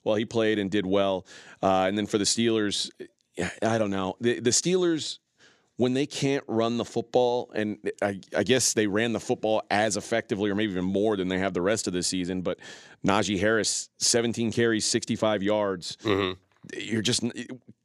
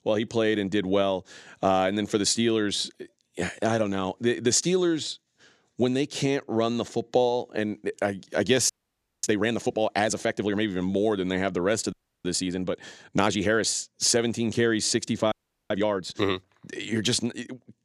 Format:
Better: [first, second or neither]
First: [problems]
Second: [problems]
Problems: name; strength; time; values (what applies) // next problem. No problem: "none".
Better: first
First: none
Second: audio freezing; at 8.5 s for 0.5 s, at 12 s and at 15 s